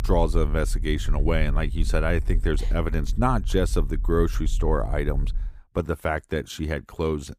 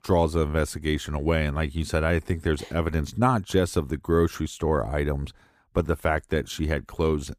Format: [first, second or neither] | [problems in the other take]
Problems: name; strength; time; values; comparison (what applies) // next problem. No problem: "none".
second | low rumble; faint; until 5.5 s; 25 dB below the speech